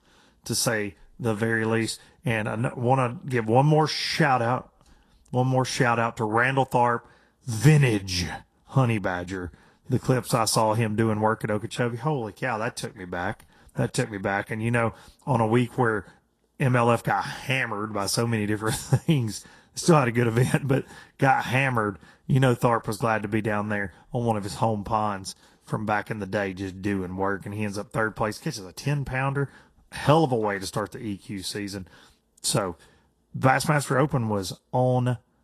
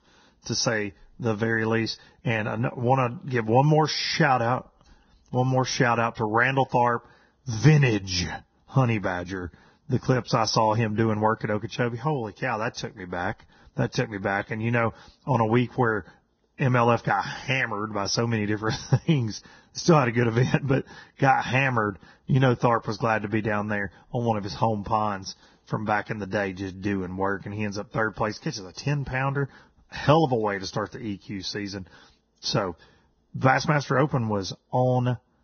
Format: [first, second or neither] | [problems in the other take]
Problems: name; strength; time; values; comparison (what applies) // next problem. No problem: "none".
first | garbled, watery; badly; nothing above 6 kHz; slightly in the first